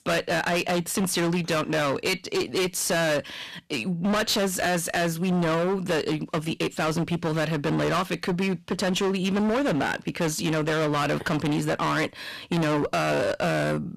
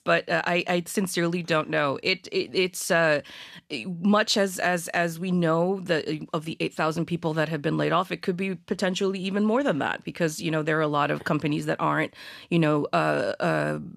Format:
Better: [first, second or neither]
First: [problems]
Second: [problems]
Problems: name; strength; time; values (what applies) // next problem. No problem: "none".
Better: second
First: distortion; heavy; 29% of the sound clipped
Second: none